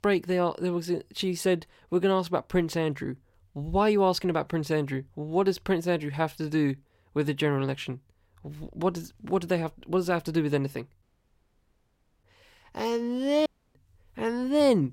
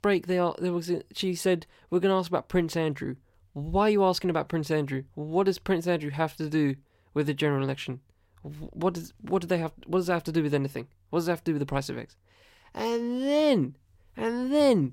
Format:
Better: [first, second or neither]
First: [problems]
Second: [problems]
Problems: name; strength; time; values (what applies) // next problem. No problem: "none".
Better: second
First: audio cutting out; at 11 s for 1 s and at 13 s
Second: none